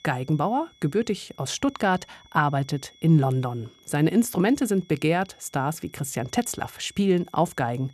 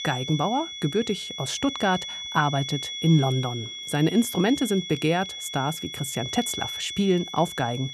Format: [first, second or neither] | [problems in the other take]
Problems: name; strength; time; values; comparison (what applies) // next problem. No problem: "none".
first | high-pitched whine; loud; throughout; 3.5 kHz, 7 dB below the speech; faint in the first